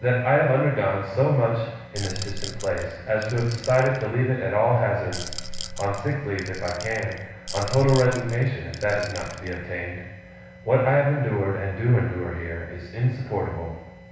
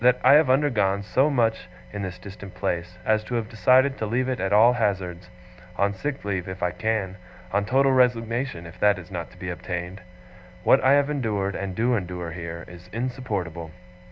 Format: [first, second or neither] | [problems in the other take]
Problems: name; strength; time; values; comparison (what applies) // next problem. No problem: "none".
second | background sound (Rattle / Rattle (instrument)); 11 dB below the speech // room echo; dies away in 1.1 s